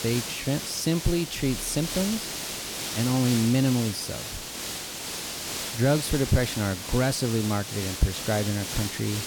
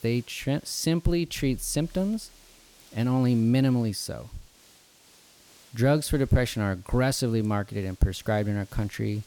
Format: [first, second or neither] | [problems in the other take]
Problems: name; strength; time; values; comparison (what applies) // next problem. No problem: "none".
second | hiss; loud; throughout; 5 dB below the speech; faint in the second